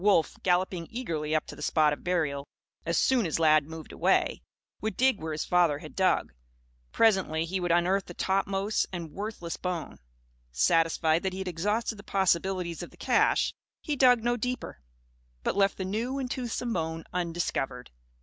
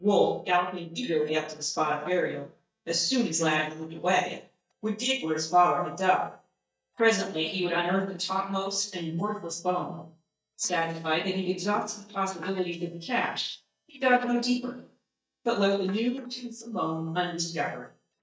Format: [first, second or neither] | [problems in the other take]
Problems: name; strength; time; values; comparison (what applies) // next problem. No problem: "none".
first | noise reduction (neural mask model DeepFilterNet 3)